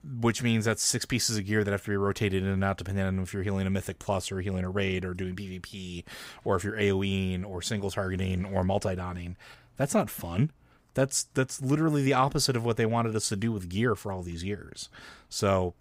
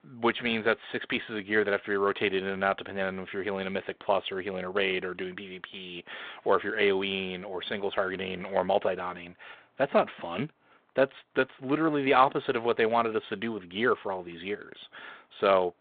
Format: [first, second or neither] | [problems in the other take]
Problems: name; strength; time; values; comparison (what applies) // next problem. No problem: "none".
first | phone-call audio; nothing above 3.5 kHz